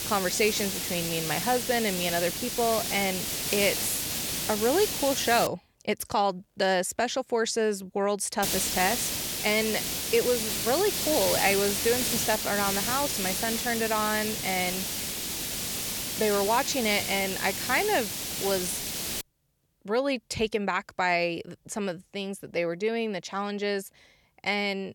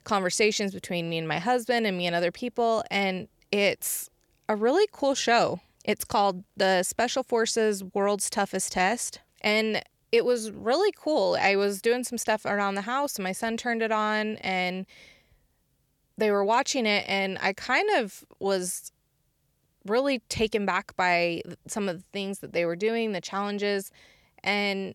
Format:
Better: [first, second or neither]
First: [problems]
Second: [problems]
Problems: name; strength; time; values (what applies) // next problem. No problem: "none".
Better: second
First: hiss; loud; until 5.5 s and from 8.5 to 19 s; 1 dB below the speech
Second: none